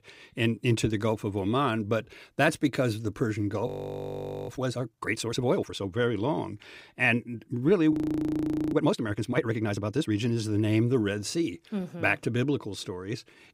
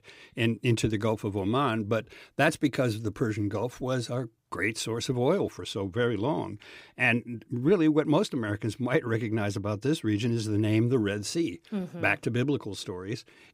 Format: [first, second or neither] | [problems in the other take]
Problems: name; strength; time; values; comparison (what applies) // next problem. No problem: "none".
second | audio freezing; at 3.5 s for 1 s and at 8 s for 1 s